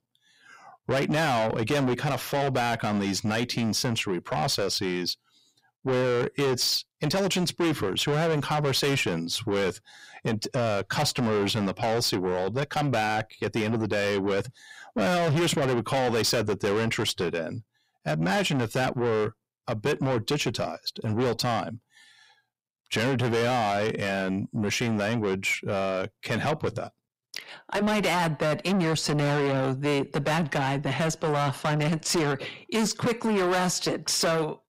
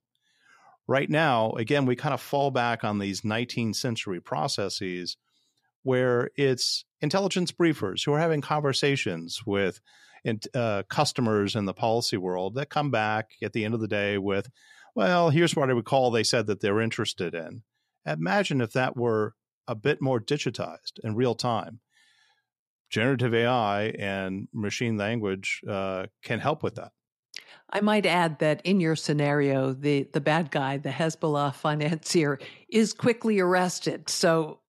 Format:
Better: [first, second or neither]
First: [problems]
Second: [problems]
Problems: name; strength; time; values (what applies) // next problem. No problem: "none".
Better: second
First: distortion; heavy; 6 dB below the speech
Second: none